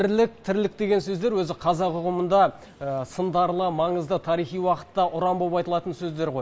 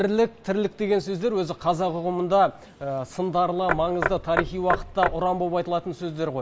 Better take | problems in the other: first | background sound (Knock / Wood); 5 dB below the speech

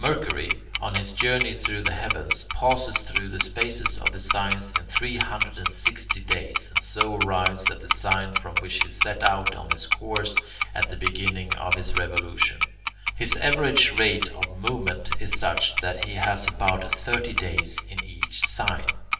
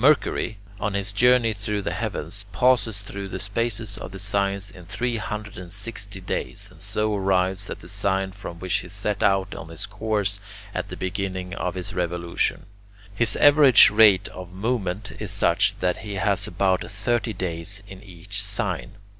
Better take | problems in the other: second | background sound (Tick-tock); 1 dB below the speech // room echo; dies away in 0.6 s

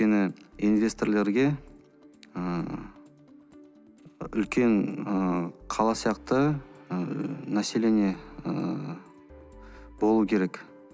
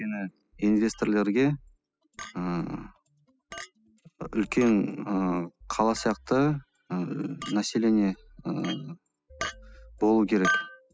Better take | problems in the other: first | noise reduction (classical method spectral subtraction)

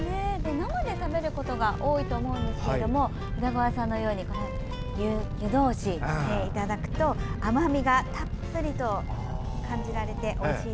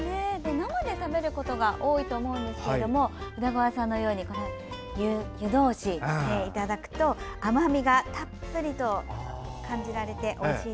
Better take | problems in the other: second | background sound (Fire); 3 dB below the speech

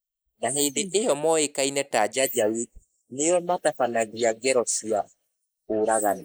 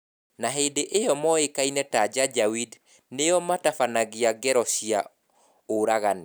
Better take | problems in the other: second | noise reduction (neural mask model Resemble Enhance denoiser)

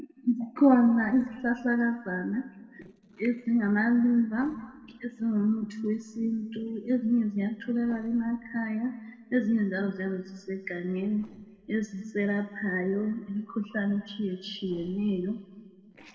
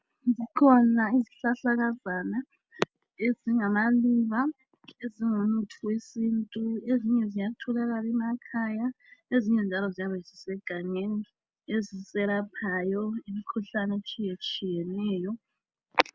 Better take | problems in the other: second | noise reduction (neural separator model SepFormer DNS4)

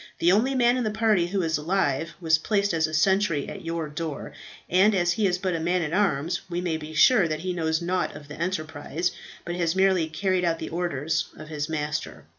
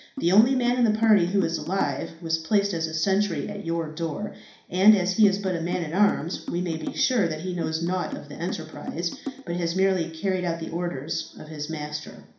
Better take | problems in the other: first | background sound (Drum); 13 dB below the speech // room echo; dies away in 0.5 s

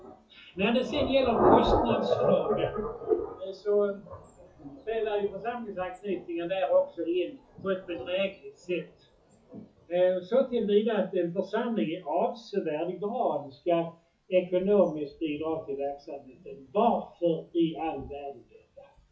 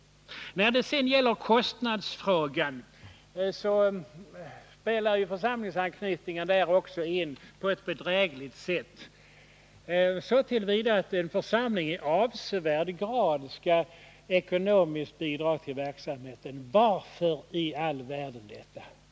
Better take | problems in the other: second | noise reduction (classical method WPE with log-MMSE)

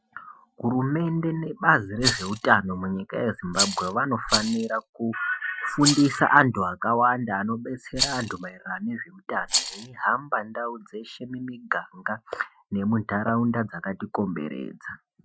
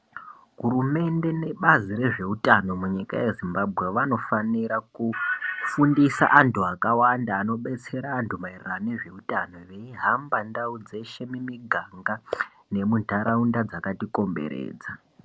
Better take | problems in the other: second | noise reduction (classical method Wiener filter)

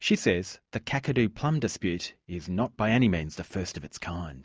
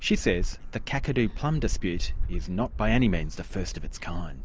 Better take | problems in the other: first | background sound (Gull, seagull); 1 dB below the speech

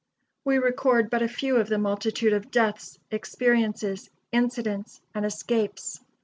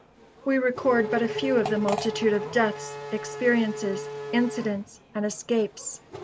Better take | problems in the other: first | background sound (Race car, auto racing / Accelerating, revving, vroom + Fart); 9 dB below the speech

